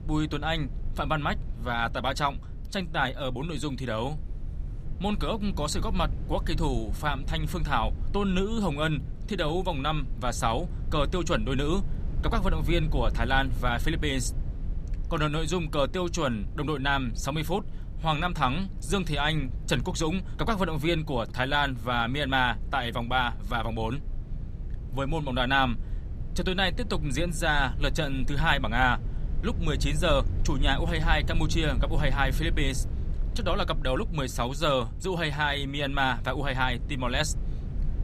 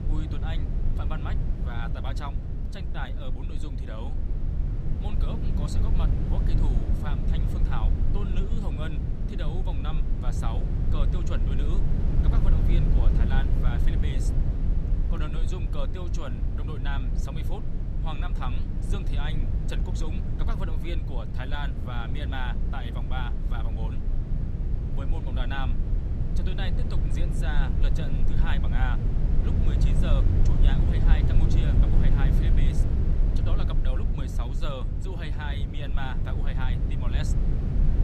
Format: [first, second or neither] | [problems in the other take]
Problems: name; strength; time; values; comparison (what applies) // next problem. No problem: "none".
first | low rumble; loud; throughout; 2 dB below the speech; faint in the first